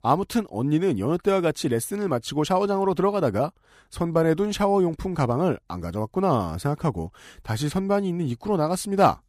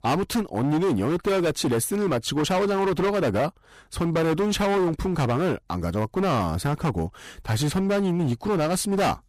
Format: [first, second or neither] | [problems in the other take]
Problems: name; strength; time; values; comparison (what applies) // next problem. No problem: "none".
first | distortion; heavy; 22% of the sound clipped